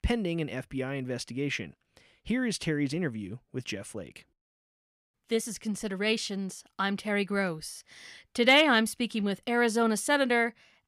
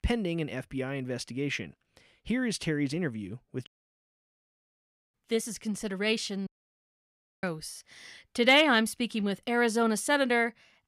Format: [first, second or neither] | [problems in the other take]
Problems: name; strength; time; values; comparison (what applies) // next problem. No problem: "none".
first | audio cutting out; at 3.5 s for 0.5 s and at 6.5 s for 1 s